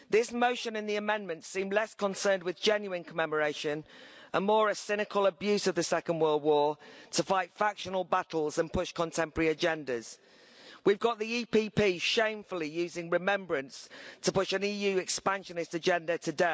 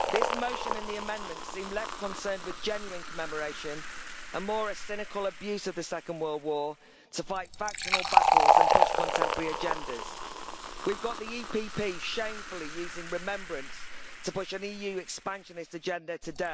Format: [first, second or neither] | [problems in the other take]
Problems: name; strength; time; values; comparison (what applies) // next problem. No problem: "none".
first | background sound (Fill (with liquid)); 4 dB above the speech